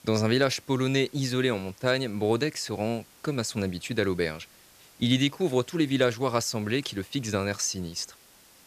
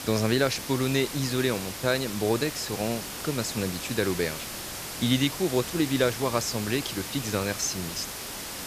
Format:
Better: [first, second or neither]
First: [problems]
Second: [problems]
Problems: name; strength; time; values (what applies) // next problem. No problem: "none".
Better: first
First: hiss; faint; throughout; 25 dB below the speech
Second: hiss; loud; throughout; 7 dB below the speech